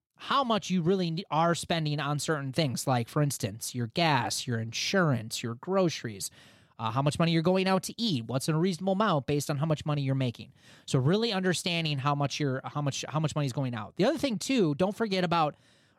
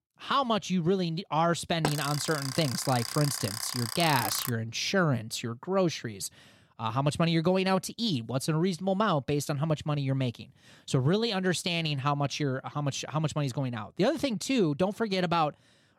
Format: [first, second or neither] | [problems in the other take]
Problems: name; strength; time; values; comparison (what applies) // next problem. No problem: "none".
first | alarm; noticeable; from 2 to 4.5 s; peak 3 dB below the speech